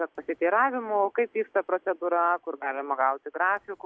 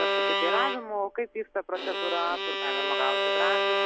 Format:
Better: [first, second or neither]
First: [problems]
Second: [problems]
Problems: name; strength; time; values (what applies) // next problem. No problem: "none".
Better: first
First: none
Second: background sound (Bowed string instrument); 4 dB above the speech